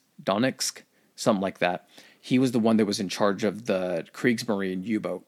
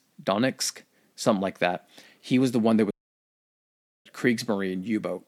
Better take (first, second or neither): first